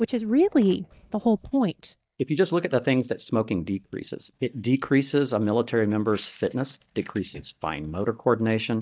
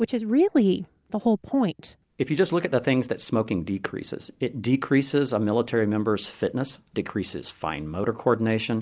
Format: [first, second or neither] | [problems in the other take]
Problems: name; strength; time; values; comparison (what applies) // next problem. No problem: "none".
second | noise reduction (neural mask model DeepFilterNet 3)